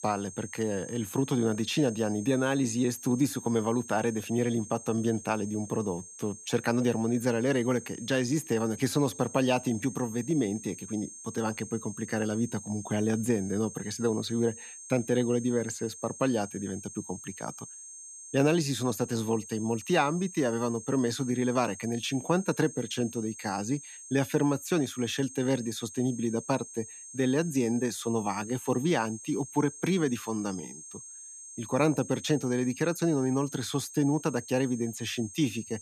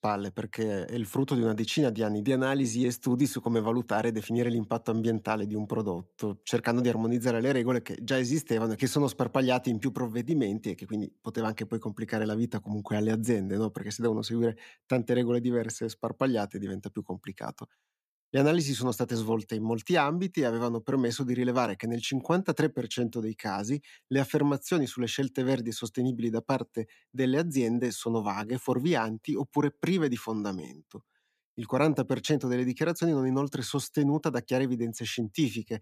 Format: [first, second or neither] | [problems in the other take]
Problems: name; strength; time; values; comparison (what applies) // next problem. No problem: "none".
second | high-pitched whine; noticeable; throughout; 6.5 kHz, 15 dB below the speech